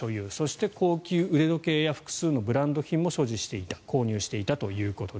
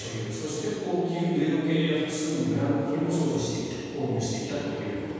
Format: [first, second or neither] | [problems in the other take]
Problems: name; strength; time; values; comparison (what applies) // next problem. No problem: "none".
first | room echo; dies away in 2.1 s